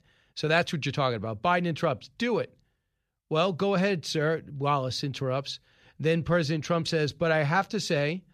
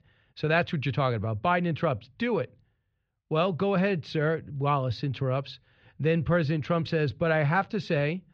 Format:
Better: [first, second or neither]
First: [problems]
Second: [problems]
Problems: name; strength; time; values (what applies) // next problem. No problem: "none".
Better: first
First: none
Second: muffled; slightly; fading above 3.5 kHz